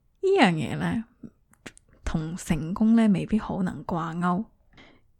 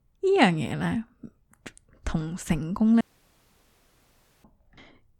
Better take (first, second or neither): first